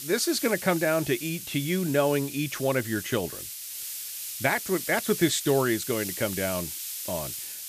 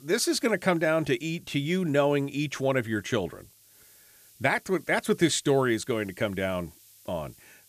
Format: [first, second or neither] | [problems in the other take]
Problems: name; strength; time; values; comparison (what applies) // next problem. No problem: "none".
second | hiss; loud; throughout; 7 dB below the speech; faint in the second